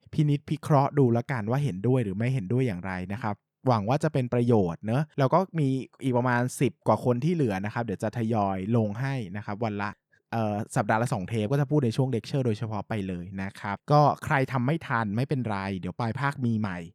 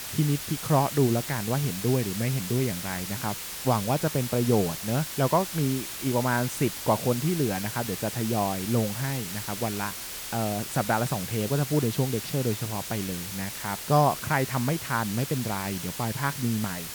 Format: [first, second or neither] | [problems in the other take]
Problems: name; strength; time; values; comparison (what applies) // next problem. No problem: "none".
first | hiss; loud; throughout; 6 dB below the speech